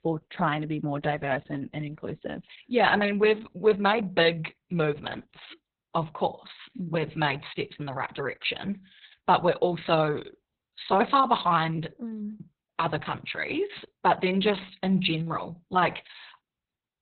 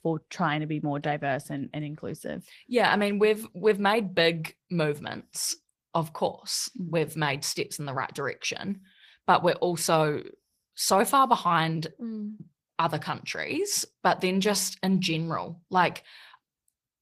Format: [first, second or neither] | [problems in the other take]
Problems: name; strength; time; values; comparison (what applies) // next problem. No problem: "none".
second | garbled, watery; badly; nothing above 4 kHz; slightly in the second